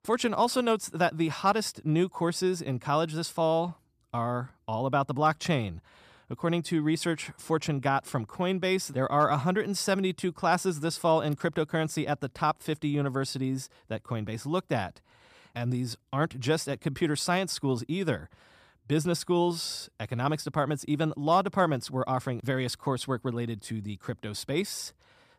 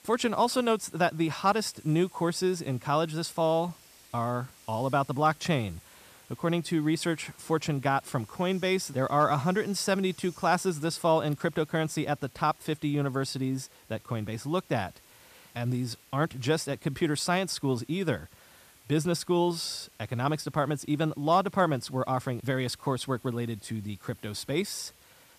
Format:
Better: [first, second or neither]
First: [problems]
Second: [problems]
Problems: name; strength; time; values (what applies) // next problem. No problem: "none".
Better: first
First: none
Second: hiss; faint; throughout; 25 dB below the speech